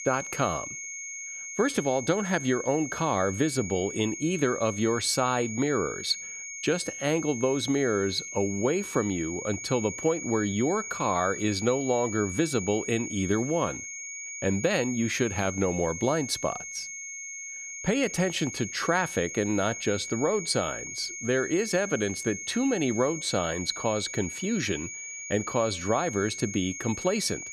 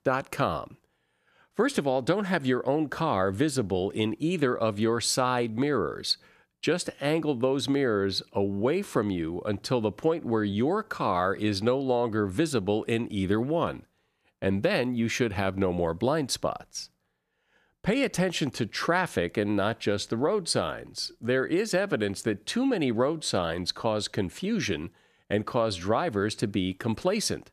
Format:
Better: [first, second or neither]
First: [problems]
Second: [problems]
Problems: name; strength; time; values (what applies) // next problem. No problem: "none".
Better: second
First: high-pitched whine; loud; throughout; 6.5 kHz, 8 dB below the speech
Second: none